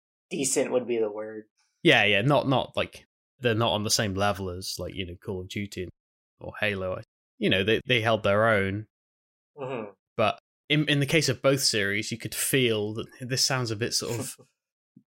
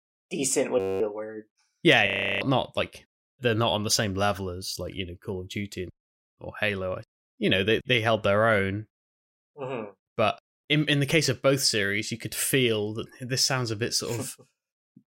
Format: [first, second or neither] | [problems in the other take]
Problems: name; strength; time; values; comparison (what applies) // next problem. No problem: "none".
first | audio freezing; at 1 s and at 2 s